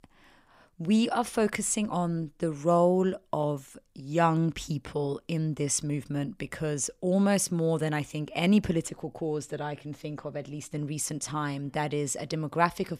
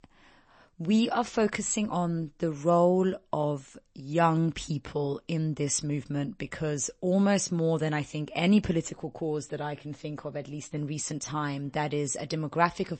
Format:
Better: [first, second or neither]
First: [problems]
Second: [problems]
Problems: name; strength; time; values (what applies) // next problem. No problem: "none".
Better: first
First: none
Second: garbled, watery; slightly; nothing above 8 kHz